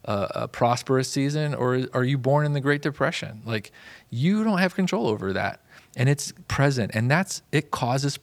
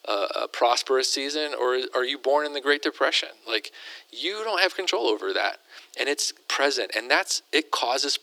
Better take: first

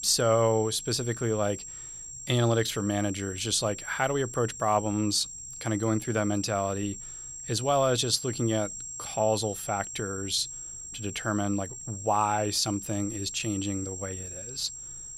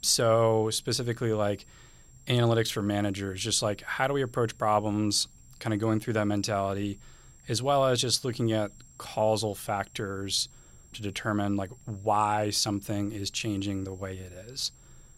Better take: second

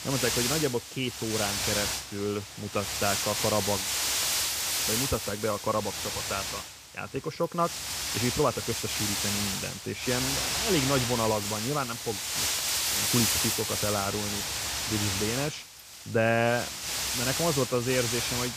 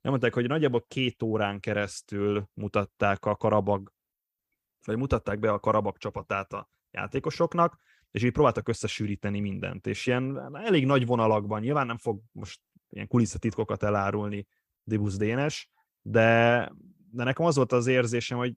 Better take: second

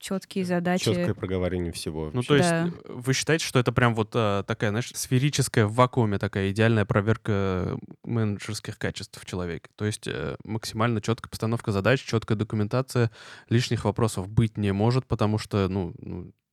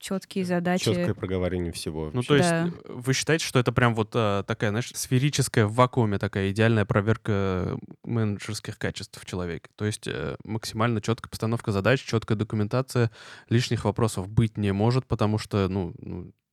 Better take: neither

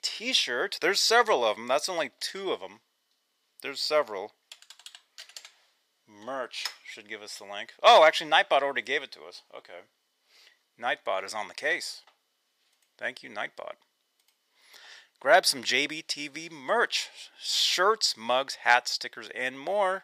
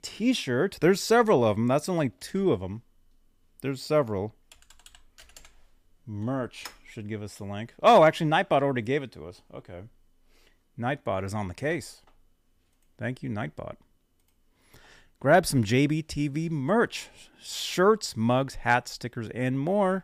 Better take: second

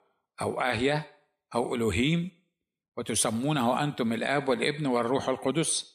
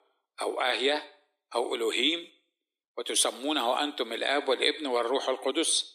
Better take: first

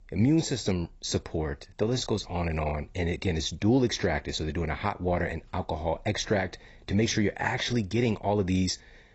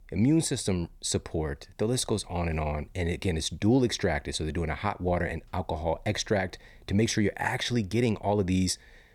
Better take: second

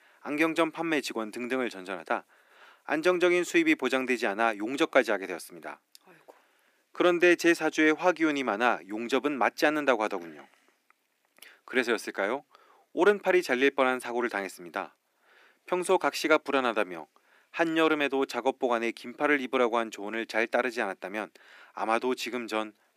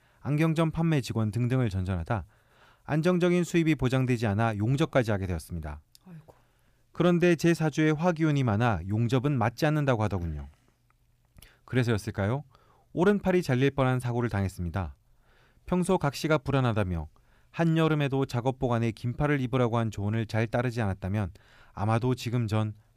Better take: second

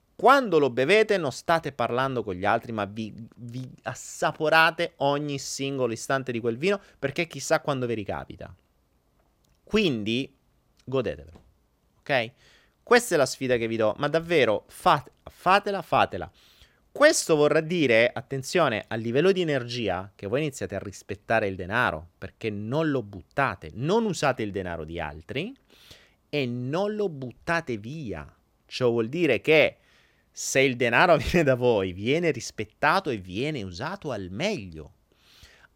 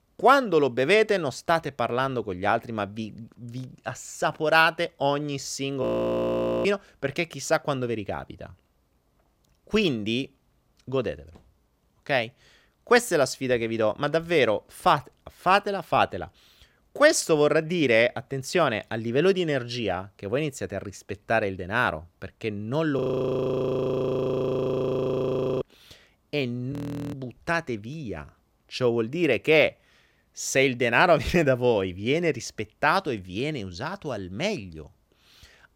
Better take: first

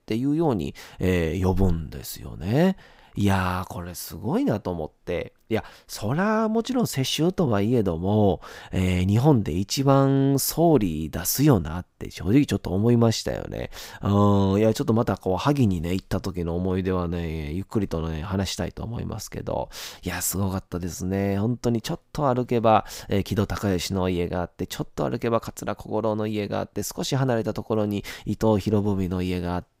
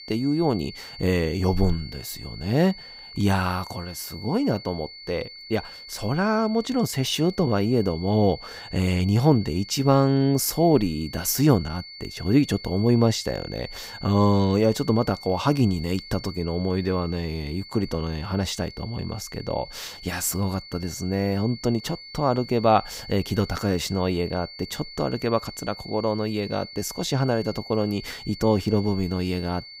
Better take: first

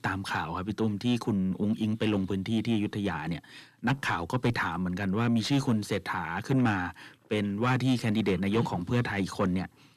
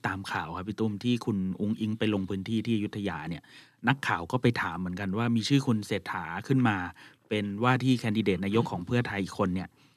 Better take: second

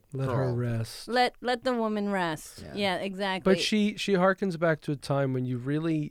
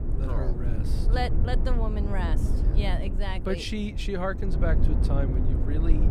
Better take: first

